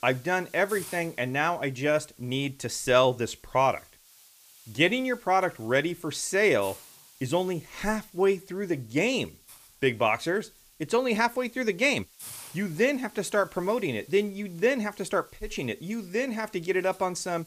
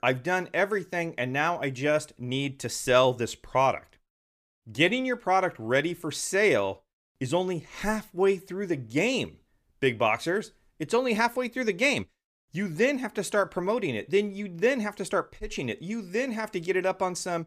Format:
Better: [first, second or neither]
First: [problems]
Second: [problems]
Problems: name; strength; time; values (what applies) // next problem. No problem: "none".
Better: second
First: hiss; faint; throughout; 20 dB below the speech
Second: none